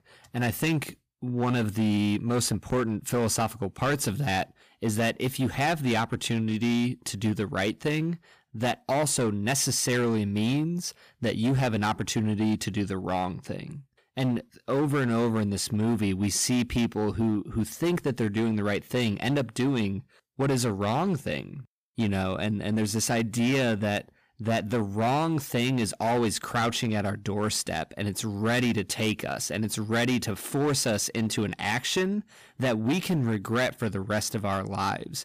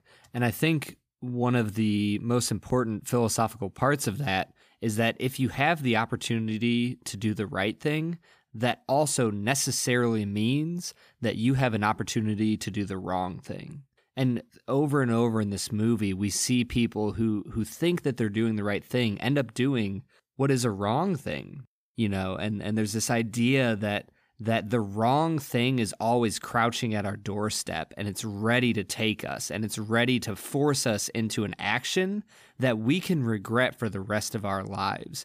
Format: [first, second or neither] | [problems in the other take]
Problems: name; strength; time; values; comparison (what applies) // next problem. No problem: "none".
second | distortion; slight; 11% of the sound clipped